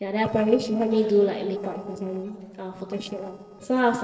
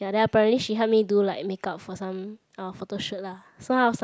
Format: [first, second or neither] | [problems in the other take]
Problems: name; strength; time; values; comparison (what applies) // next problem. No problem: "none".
second | noise reduction (neural separator model SepFormer DNS4)